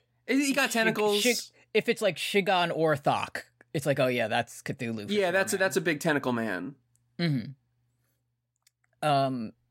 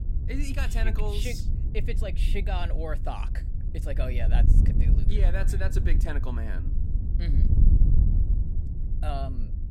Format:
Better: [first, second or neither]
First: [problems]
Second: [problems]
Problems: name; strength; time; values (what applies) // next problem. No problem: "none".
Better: first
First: none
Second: wind noise on the microphone; heavy; 7 dB below the speech